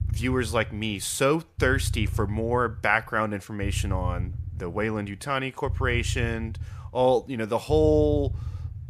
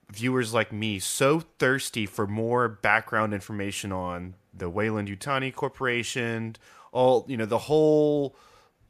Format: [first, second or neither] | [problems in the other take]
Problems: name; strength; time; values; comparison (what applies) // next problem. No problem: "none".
second | low rumble; faint; throughout; 20 dB below the speech